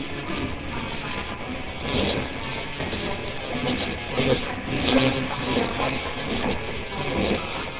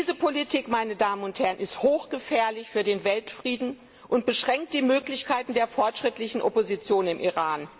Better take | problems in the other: second | noise reduction (neural separator model SepFormer WHAMR!)

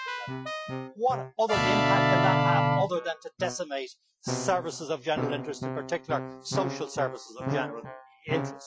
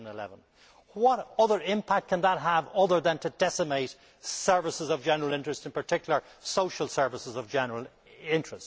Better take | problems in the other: second | noise reduction (classical method Wiener filter)

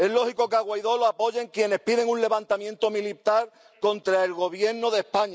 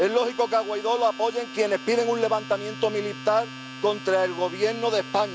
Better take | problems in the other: first | background sound (Domestic sounds, home sounds); 14 dB below the speech

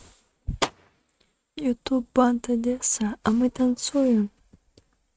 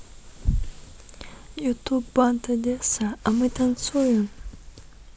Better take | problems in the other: second | noise reduction (neural mask model RNNoise)

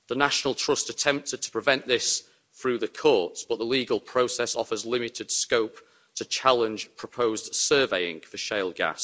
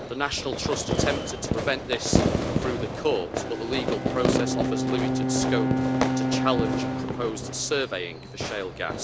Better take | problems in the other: first | background sound (Bowed string instrument + Fireworks); 4 dB above the speech

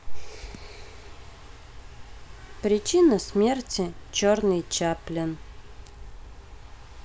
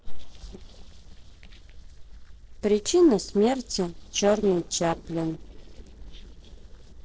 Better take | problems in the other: first | noise reduction (neural separator model SepFormer DNS4)

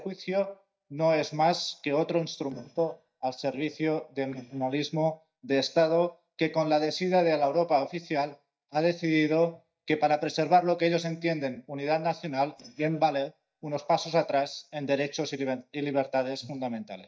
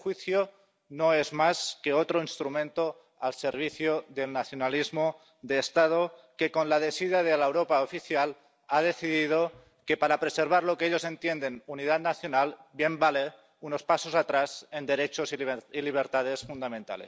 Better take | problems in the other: second | noise reduction (neural mask model DeepFilterNet 3)

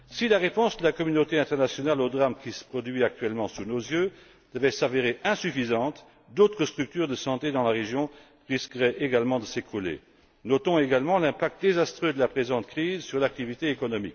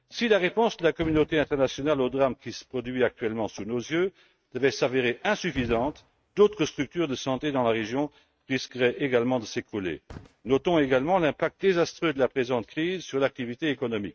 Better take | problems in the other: first | noise reduction (neural mask model RNNoise)

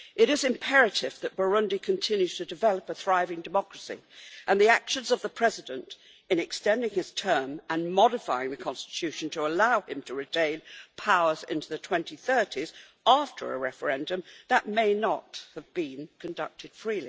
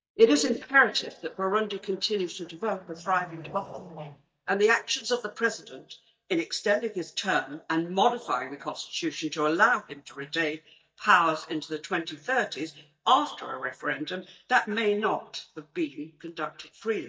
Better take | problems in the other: first | noise reduction (neural mask model DeepFilterNet 3)

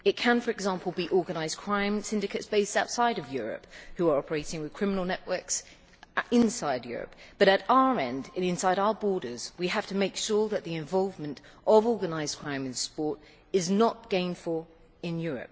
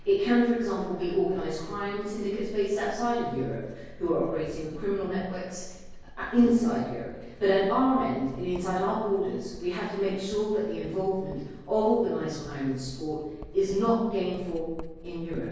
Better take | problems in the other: first | background sound (Writing); 16 dB below the speech // room echo; dies away in 1.3 s

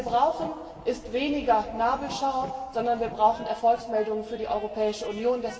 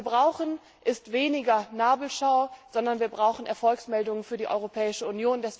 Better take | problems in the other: second | background sound (Train); 19 dB below the speech // room echo; dies away in 2.2 s

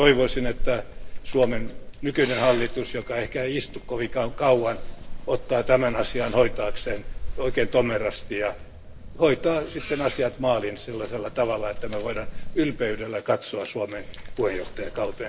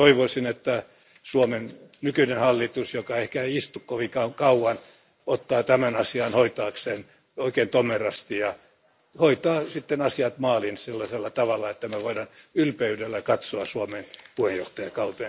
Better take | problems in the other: second | background sound (Meow / Purr); 6 dB below the speech // room echo; dies away in 1.9 s

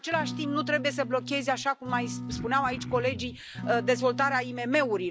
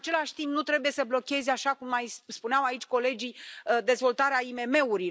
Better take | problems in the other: second | background sound (Cough + Acoustic guitar / Strum); 8 dB below the speech

